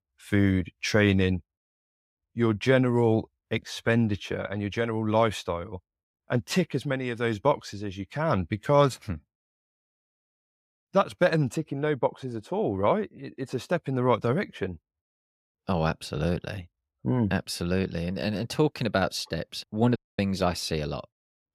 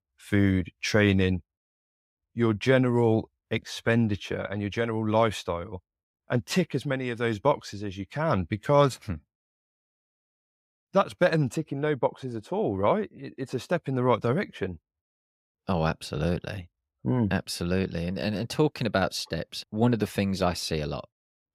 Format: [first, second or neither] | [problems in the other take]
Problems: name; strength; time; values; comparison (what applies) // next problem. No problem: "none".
second | audio cutting out; at 20 s